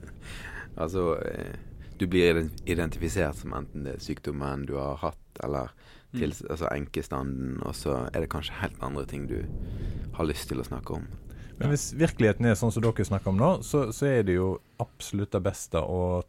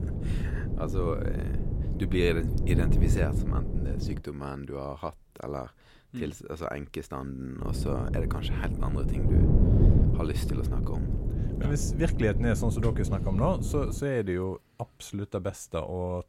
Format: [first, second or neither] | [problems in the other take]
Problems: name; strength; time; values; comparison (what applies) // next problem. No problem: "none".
first | wind noise on the microphone; heavy; until 4 s and from 7.5 to 14 s; 4 dB below the speech; occasional gusts in the first